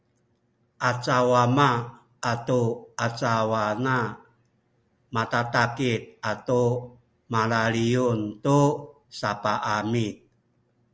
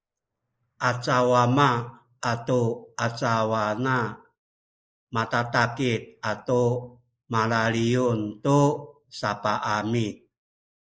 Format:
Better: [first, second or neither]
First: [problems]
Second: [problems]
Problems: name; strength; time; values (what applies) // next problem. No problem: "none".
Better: first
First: none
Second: noise reduction (neural mask model Resemble Enhance denoiser)